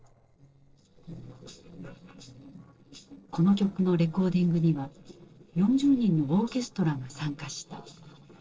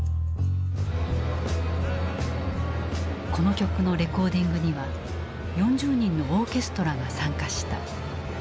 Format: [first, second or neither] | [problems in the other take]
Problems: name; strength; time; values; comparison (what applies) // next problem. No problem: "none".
second | noise reduction (neural separator model SepFormer DNS4)